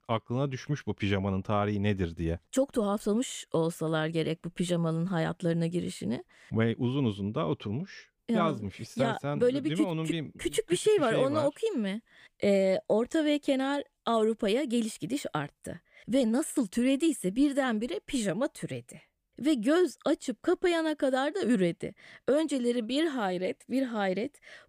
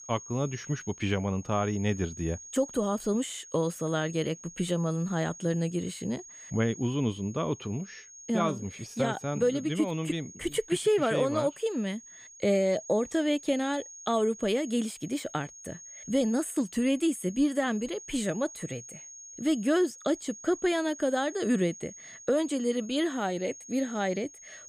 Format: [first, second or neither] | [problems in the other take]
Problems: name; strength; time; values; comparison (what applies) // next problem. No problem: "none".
first | high-pitched whine; noticeable; throughout; 6.5 kHz, 15 dB below the speech